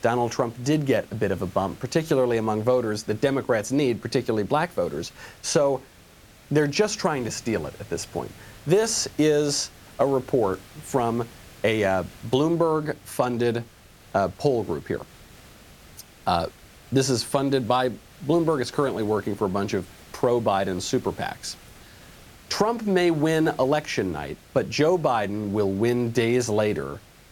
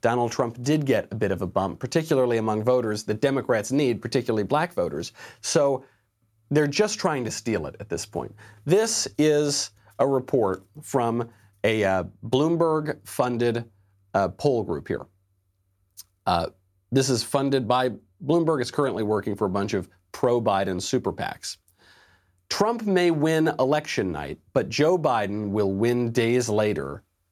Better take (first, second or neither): second